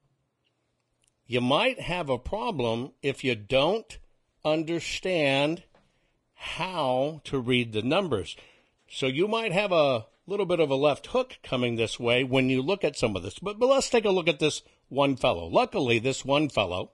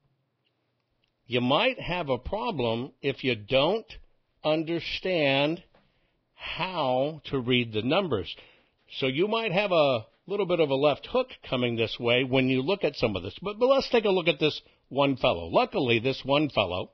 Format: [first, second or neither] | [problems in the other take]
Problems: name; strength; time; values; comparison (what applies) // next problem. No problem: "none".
first | garbled, watery; badly; nothing above 5.5 kHz; slightly in the first